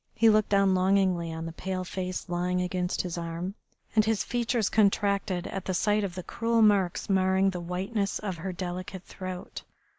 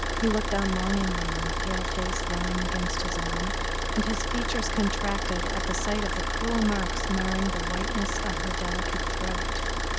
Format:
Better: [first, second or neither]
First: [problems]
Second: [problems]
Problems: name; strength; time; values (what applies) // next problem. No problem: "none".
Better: first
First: none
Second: background sound (Idling / Car); 3 dB above the speech